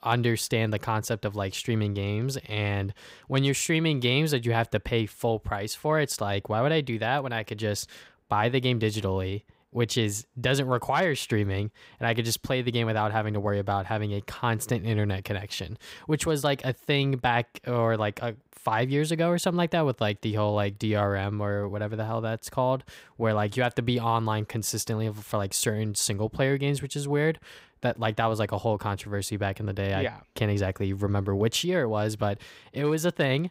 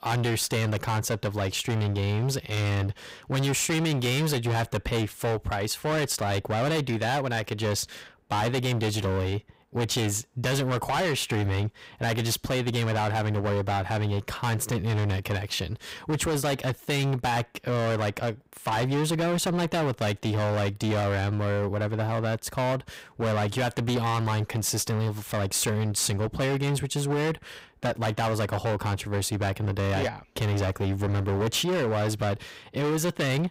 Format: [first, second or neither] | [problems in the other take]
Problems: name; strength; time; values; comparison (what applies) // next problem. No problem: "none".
first | distortion; heavy; 26% of the sound clipped